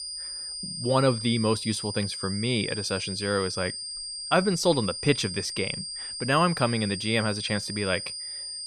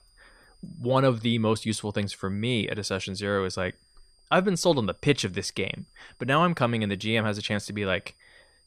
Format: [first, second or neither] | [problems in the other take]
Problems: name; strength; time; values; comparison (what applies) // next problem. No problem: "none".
second | high-pitched whine; loud; throughout; 5 kHz, 6 dB below the speech; faint in the second